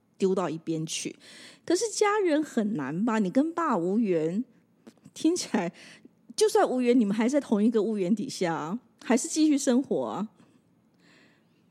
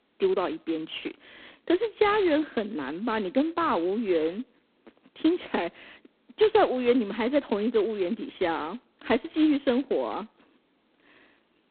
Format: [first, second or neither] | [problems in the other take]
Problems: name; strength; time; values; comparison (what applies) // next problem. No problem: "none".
first | phone-call audio; poor line; nothing above 4 kHz